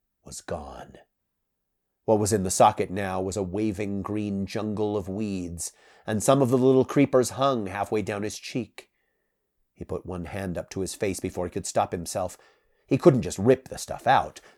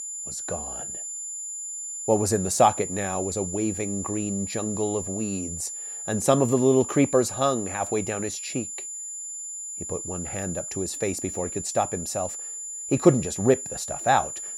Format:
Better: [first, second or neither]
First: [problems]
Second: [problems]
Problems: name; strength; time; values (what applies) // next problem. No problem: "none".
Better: first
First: none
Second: high-pitched whine; loud; throughout; 7 kHz, 6 dB below the speech